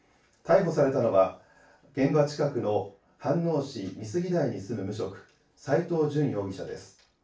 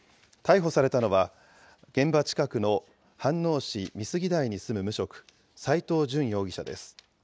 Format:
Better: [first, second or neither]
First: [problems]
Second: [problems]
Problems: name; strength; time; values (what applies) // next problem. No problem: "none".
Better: second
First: room echo; dies away in 0.3 s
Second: none